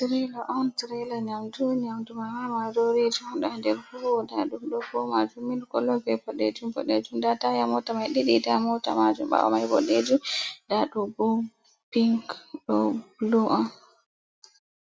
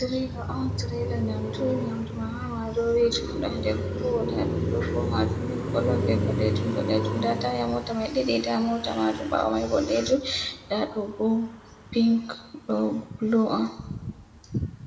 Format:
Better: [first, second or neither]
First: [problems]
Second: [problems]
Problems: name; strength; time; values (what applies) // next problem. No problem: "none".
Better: first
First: none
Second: background sound (Car passing by); 4 dB below the speech // room echo; dies away in 1.2 s